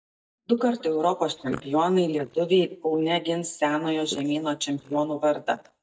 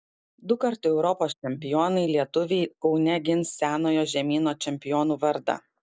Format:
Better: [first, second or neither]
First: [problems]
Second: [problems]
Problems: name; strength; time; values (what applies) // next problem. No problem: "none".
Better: second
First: noise reduction (neural mask model DeepFilterNet 3)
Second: none